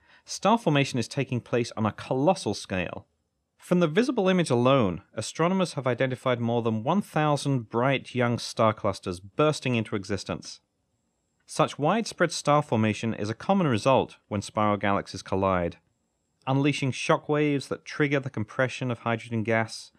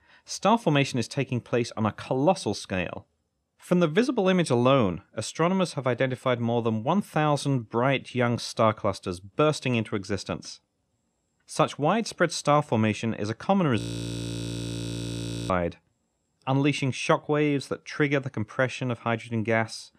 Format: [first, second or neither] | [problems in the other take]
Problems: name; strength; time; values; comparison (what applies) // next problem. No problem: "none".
first | audio freezing; at 14 s for 1.5 s